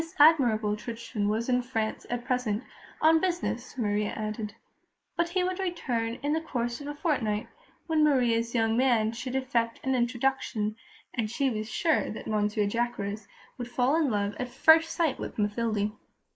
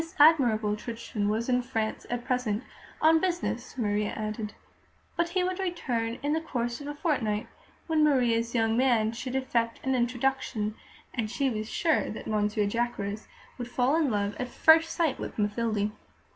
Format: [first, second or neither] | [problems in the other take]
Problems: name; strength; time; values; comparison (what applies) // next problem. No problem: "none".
second | noise reduction (neural mask model Resemble Enhance denoiser)